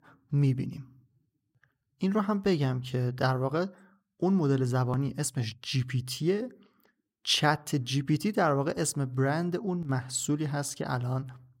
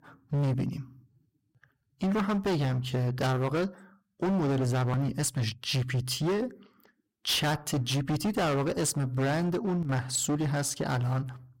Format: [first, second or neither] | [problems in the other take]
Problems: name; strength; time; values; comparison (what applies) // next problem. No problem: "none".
first | distortion; heavy; 20% of the sound clipped